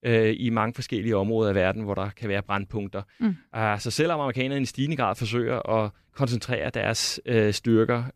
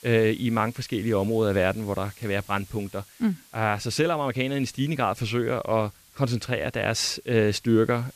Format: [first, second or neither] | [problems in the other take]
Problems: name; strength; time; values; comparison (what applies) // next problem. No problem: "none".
first | hiss; faint; throughout; 25 dB below the speech